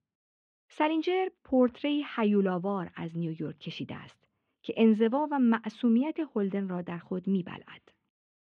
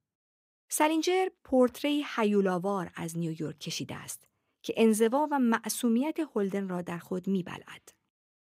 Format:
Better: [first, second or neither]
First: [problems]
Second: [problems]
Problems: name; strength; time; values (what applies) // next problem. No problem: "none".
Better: second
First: muffled; very; fading above 3 kHz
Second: none